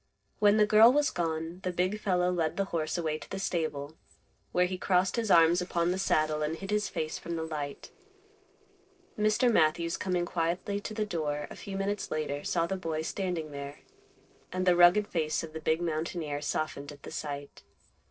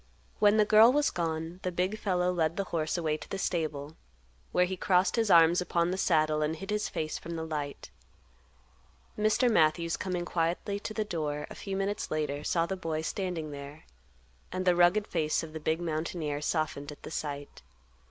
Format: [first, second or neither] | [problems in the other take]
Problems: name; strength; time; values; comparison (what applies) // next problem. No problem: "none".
second | noise reduction (neural separator model SepFormer DNS4)